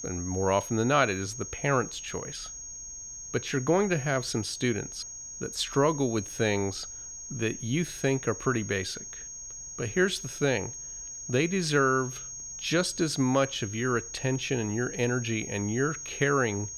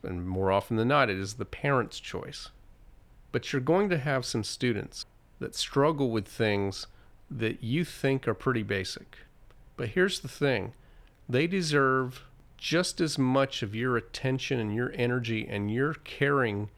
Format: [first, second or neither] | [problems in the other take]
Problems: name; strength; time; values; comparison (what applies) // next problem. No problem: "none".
second | high-pitched whine; loud; throughout; 6.5 kHz, 9 dB below the speech